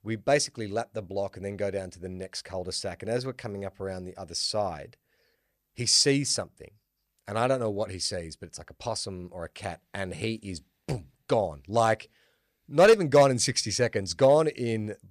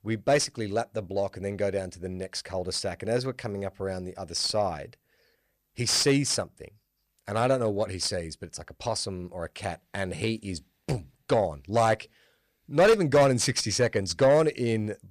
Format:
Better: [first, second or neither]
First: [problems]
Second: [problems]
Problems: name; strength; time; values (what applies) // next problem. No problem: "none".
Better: first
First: none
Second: distortion; slight; 10 dB below the speech